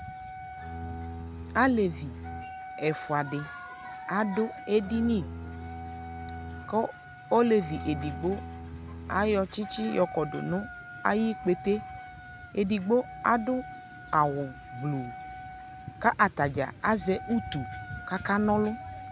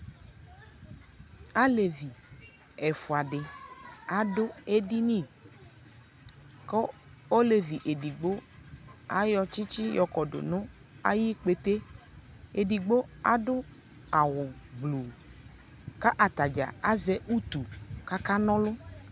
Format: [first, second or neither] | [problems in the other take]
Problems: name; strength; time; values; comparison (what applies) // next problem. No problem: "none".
second | background sound (Bowed string instrument + Wind instrument, woodwind instrument); 12 dB below the speech